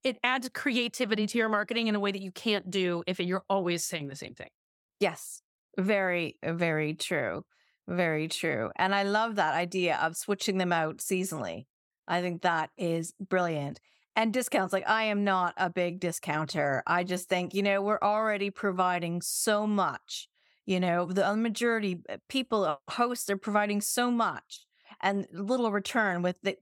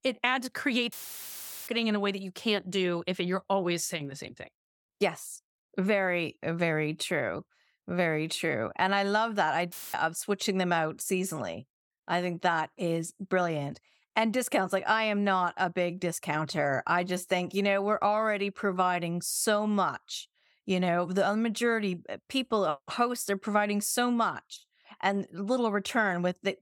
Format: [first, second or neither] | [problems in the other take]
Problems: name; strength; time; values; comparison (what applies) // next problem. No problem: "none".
first | audio cutting out; filled with static; at 1 s for 1 s and at 9.5 s